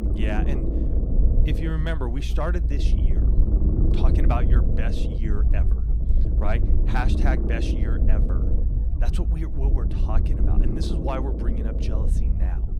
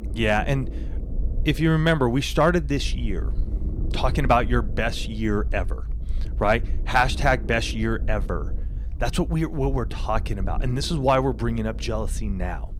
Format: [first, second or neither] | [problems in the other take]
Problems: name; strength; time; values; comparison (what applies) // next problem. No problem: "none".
second | low rumble; loud; throughout; 3 dB below the speech; faint in the second